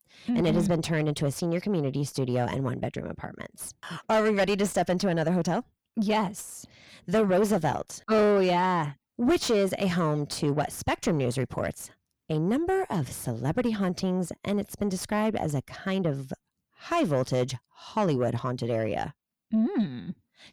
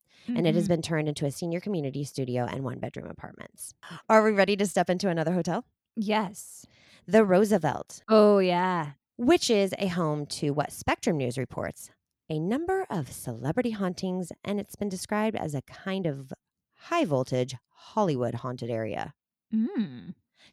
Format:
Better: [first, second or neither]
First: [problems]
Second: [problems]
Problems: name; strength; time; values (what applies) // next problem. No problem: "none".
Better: second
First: distortion; heavy; 7 dB below the speech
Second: none